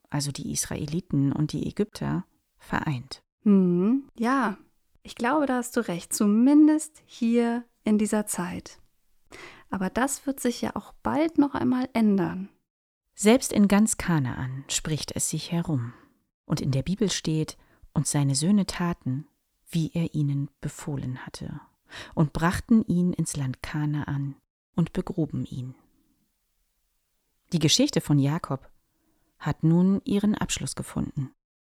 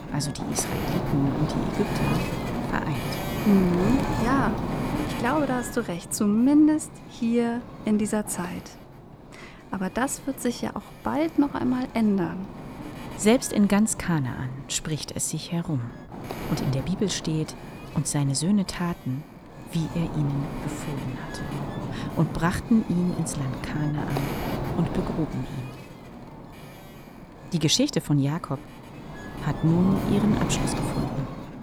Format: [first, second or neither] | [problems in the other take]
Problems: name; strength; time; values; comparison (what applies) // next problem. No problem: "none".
first | wind noise on the microphone; heavy; 5 dB below the speech